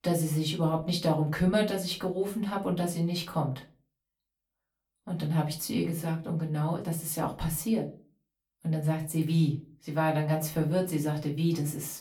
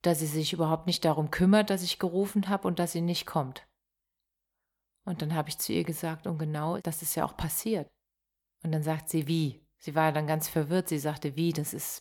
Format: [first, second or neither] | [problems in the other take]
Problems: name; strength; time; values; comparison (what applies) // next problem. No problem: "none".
second | off-mic speech; far // room echo; very slight; dies away in 0.2 s